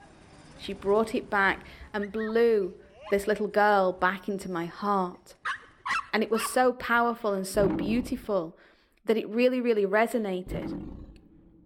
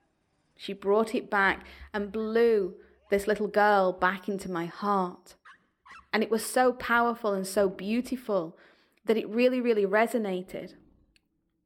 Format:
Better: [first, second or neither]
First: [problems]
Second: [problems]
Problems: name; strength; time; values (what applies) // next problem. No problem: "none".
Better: second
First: animal sounds; loud; throughout; 9 dB below the speech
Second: animal sounds; faint; throughout; 30 dB below the speech